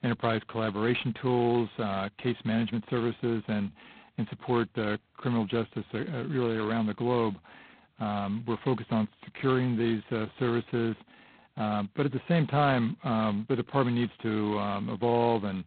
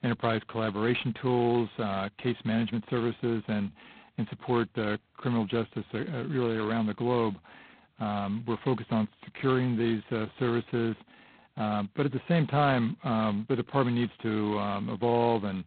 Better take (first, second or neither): neither